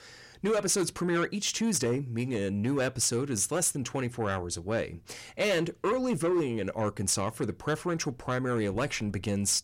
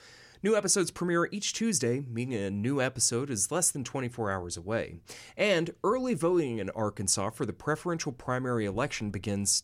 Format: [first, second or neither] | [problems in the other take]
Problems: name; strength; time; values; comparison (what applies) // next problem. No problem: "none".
second | distortion; slight; 10 dB below the speech